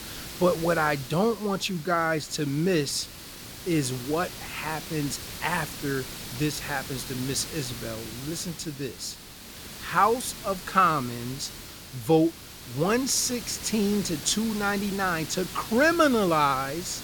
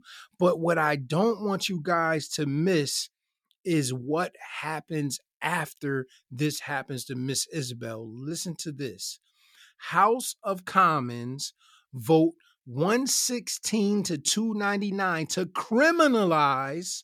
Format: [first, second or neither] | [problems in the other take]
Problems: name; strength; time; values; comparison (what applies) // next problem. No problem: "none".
second | hiss; noticeable; throughout; 10 dB below the speech